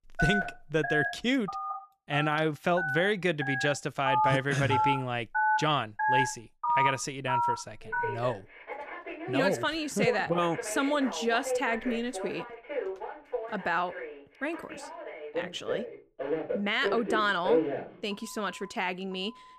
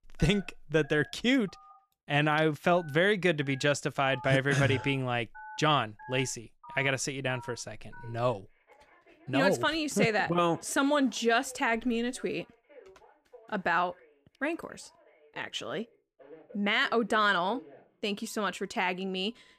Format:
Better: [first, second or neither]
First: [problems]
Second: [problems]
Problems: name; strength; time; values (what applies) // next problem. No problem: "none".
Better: second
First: alarms or sirens; loud; throughout; 2 dB below the speech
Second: alarms or sirens; faint; throughout; 25 dB below the speech